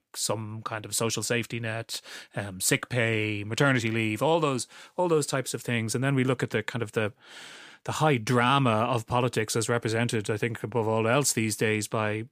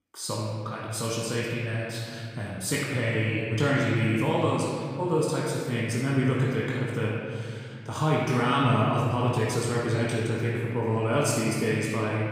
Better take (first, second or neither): first